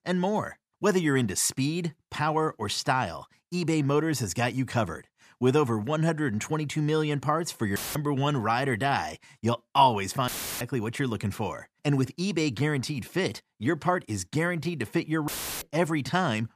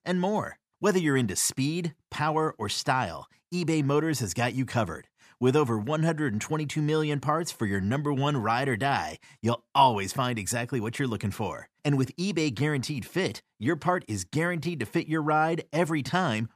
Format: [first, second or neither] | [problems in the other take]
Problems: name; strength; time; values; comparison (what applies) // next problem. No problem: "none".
second | audio cutting out; filled with static; at 8 s, at 10 s and at 15 s